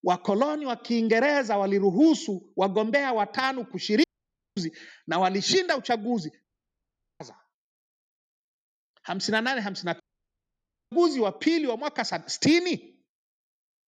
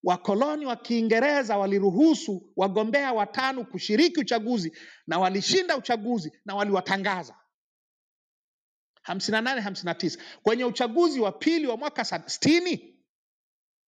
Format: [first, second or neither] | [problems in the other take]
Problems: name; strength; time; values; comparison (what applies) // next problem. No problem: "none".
second | audio cutting out; at 4 s for 0.5 s, at 6.5 s for 1 s and at 10 s for 1 s